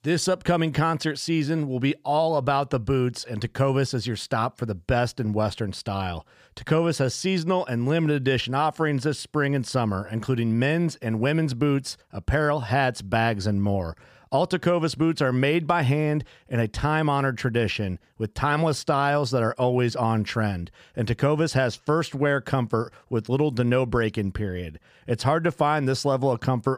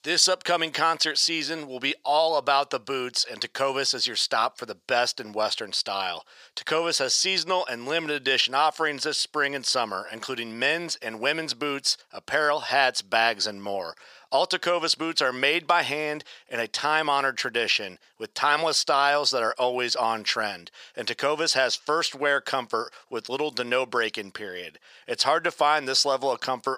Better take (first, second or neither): first